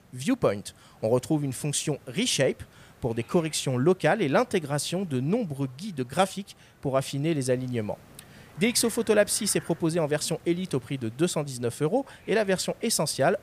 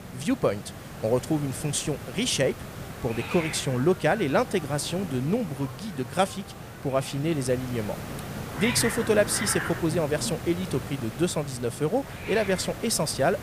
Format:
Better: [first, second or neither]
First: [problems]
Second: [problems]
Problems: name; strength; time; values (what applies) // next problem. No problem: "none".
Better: first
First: hiss; faint; throughout; 25 dB below the speech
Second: hiss; loud; throughout; 9 dB below the speech